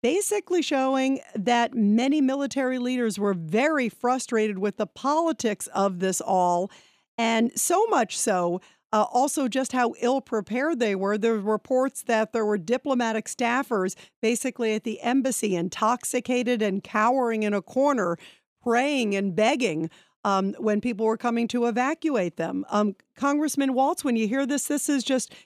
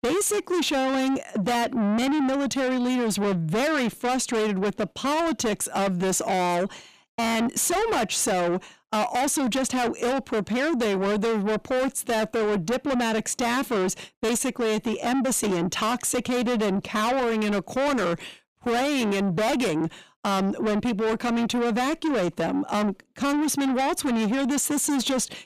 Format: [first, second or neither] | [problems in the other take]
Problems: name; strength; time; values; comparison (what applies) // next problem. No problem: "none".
first | distortion; heavy; 6 dB below the speech